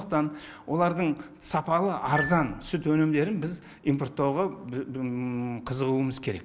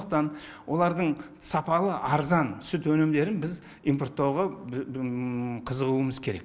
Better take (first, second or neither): second